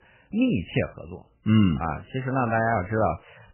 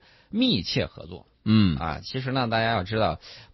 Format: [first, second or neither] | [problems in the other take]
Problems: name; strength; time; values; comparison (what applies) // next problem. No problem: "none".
second | garbled, watery; badly; nothing above 3 kHz; slightly in the second